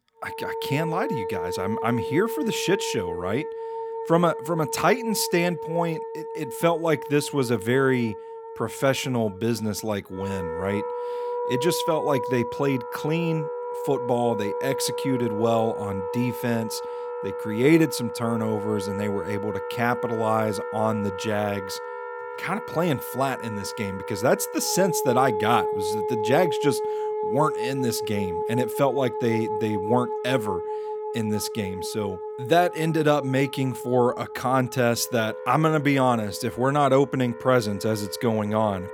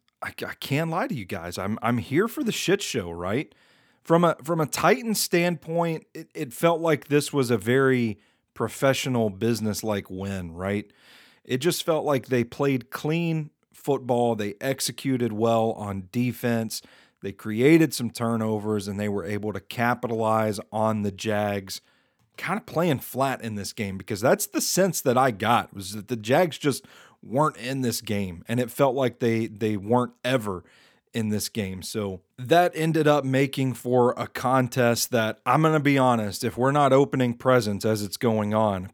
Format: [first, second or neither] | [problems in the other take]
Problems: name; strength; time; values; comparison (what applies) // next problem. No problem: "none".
second | background music; loud; throughout; 6 dB below the speech